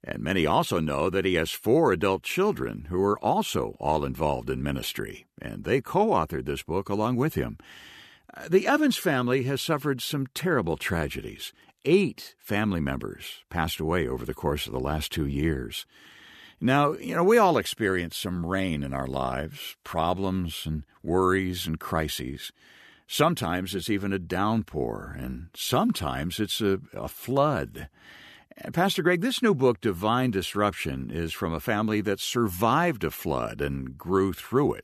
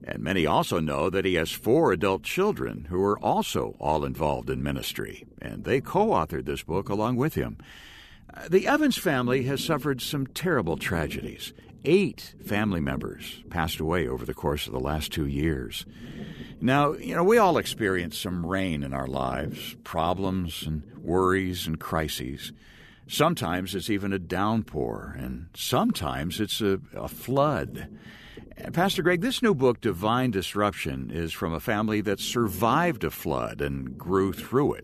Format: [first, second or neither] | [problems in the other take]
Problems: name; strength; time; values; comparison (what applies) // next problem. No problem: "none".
first | low rumble; faint; throughout; 25 dB below the speech